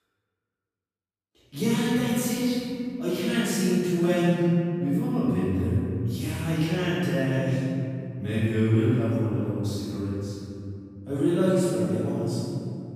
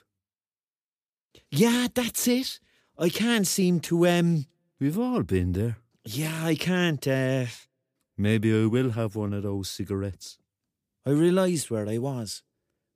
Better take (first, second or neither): second